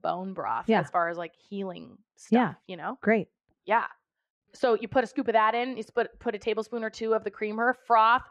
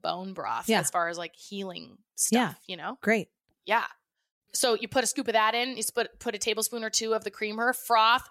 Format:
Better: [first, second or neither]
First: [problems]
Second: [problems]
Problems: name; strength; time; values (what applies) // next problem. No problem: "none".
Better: second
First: muffled; very; fading above 1.5 kHz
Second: none